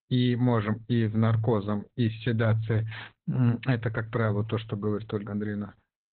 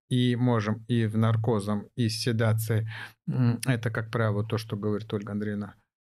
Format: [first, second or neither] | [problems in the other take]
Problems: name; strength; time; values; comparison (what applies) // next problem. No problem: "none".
second | garbled, watery; badly; nothing above 4 kHz